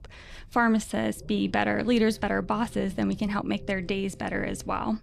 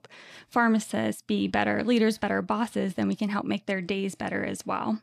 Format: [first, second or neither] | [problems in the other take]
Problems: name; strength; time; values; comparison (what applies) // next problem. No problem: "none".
second | low rumble; faint; throughout; 25 dB below the speech